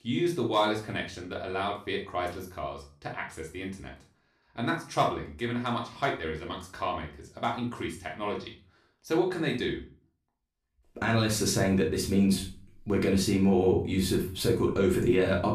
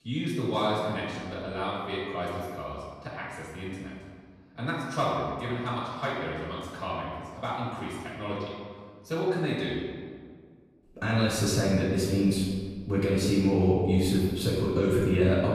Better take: first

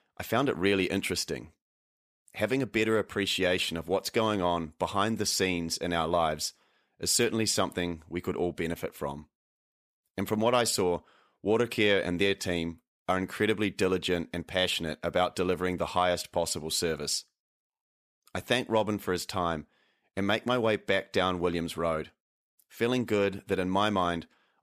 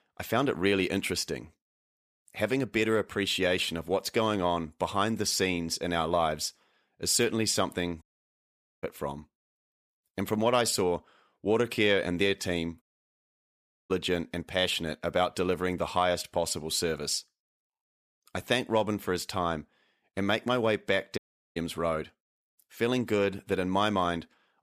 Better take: first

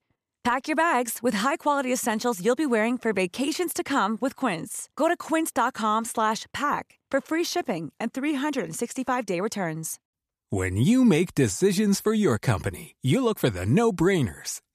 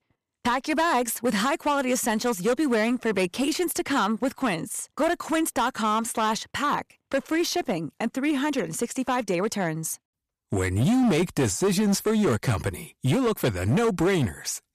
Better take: first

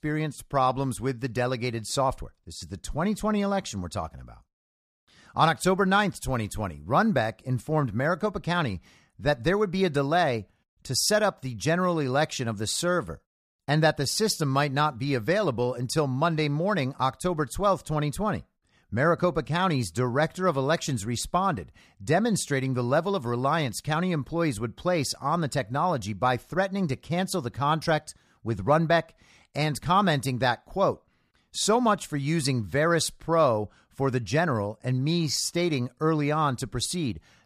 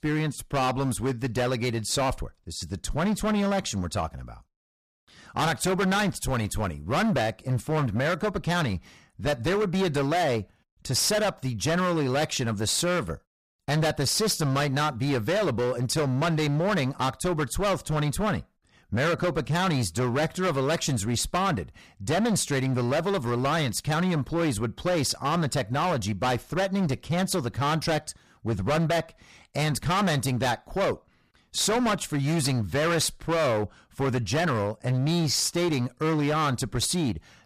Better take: first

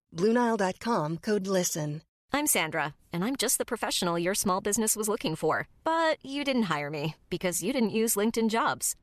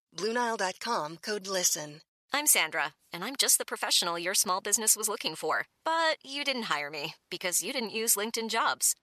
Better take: first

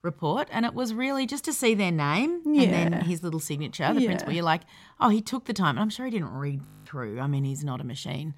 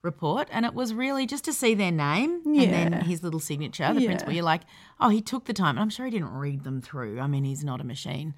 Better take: second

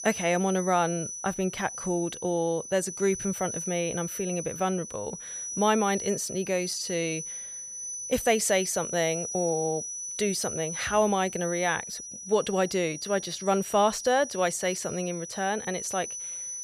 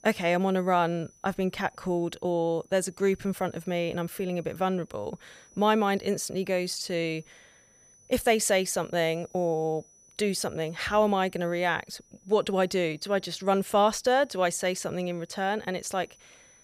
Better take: second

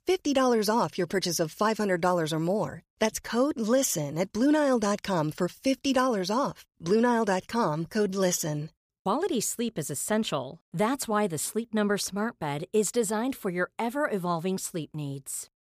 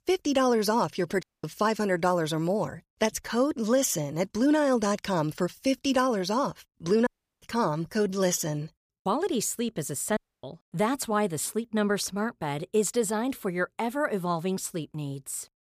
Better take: first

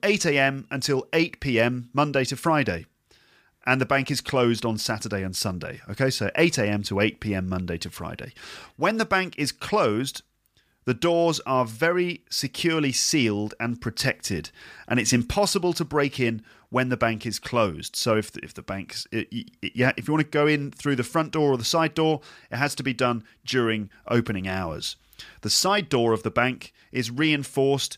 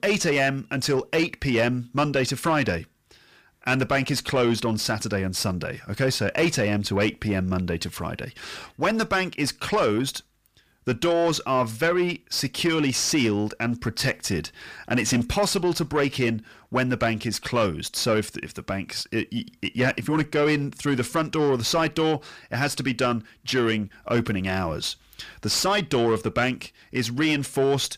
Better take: first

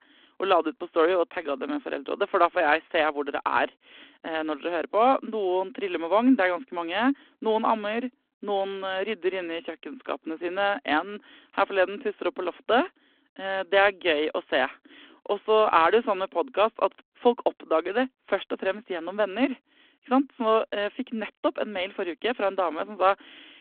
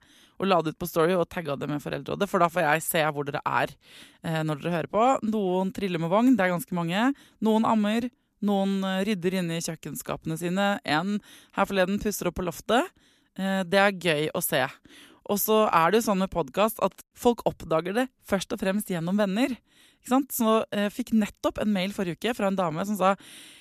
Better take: second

